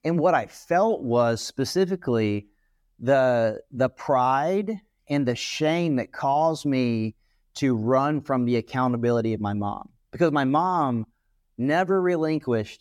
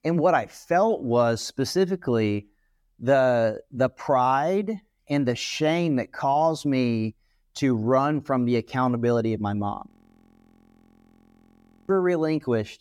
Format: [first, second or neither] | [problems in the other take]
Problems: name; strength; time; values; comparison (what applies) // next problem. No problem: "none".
first | audio freezing; at 10 s for 2 s